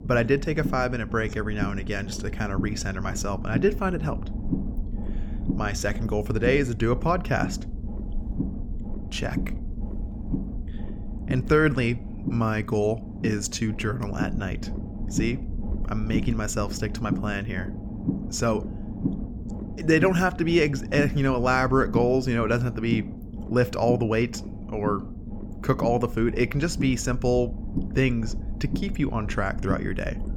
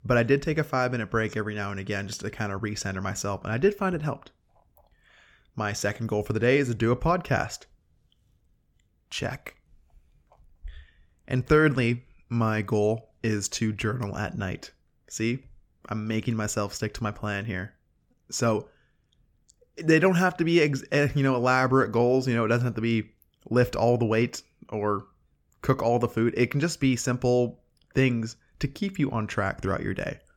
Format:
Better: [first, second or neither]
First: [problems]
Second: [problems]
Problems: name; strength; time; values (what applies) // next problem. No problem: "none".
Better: second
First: low rumble; noticeable; throughout; 15 dB below the speech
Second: none